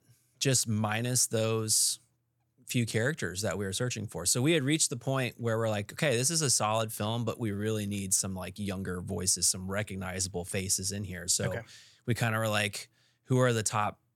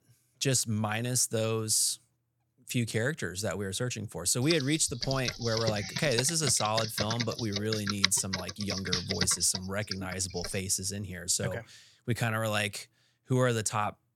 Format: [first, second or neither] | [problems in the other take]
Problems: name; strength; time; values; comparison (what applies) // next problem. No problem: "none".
first | keyboard typing; loud; from 4.5 to 10 s; peak 2 dB above the speech